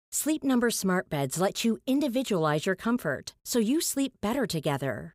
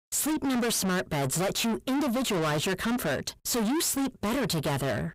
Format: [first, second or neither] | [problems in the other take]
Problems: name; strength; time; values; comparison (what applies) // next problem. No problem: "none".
first | distortion; heavy; 5 dB below the speech